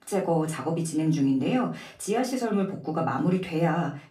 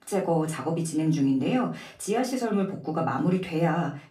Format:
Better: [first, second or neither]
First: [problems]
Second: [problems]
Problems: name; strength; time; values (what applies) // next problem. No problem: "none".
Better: neither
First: off-mic speech; far // room echo; very slight; dies away in 0.3 s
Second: off-mic speech; far // room echo; very slight; dies away in 0.3 s